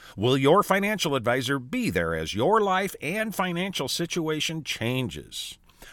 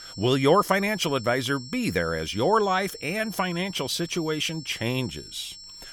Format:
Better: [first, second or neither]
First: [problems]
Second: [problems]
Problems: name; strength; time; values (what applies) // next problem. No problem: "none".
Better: first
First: none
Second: high-pitched whine; noticeable; throughout; 5.5 kHz, 15 dB below the speech